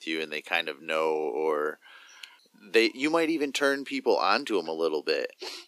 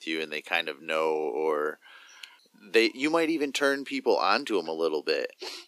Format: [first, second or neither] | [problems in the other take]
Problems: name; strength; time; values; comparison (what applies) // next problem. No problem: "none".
neither | thin; somewhat; fading below 300 Hz; the same in both